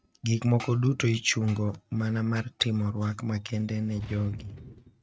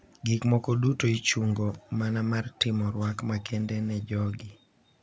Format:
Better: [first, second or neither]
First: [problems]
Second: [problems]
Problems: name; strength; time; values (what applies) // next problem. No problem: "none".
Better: second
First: noise reduction (neural mask model RNNoise)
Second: none